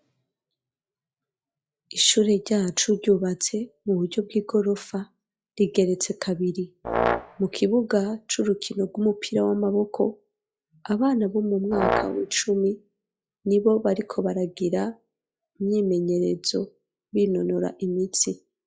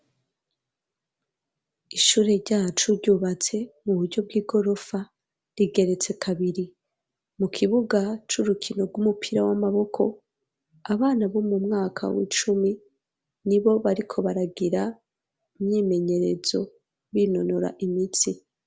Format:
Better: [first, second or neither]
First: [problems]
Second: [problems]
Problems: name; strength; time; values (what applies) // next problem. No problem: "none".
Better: second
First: noise reduction (classical method log-MMSE)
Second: none